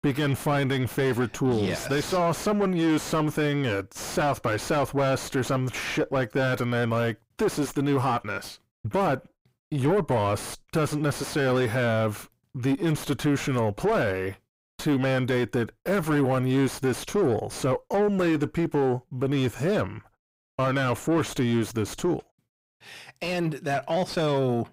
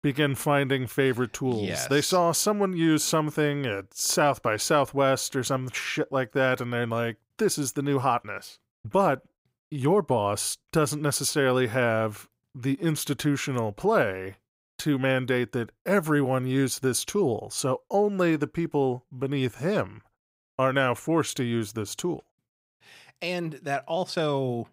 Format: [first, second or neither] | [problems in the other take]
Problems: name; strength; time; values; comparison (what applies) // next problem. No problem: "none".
second | distortion; heavy; 6 dB below the speech